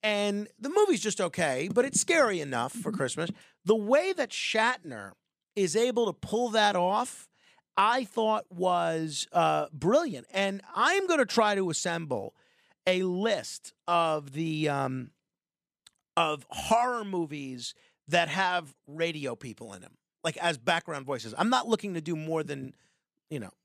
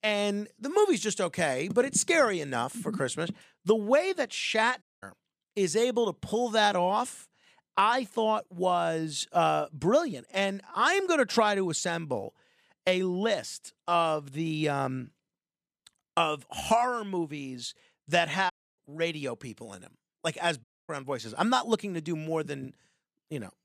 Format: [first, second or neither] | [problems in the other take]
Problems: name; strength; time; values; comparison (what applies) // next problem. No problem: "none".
first | audio cutting out; at 5 s, at 19 s and at 21 s